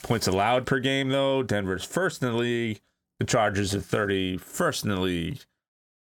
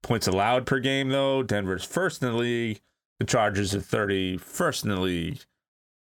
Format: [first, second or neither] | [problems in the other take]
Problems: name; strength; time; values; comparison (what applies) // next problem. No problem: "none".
second | household noises; faint; until 4 s; 30 dB below the speech